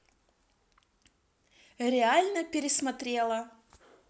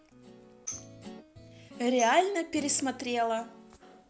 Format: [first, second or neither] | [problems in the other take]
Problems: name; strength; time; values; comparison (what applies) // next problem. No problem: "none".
first | background sound (Guitar + Tambourine); 15 dB below the speech